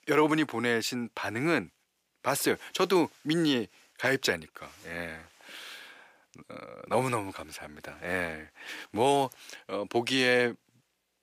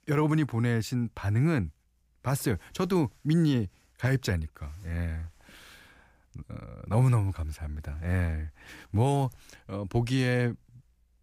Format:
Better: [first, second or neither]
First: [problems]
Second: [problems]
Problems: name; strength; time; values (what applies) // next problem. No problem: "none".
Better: second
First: thin; somewhat; fading below 400 Hz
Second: none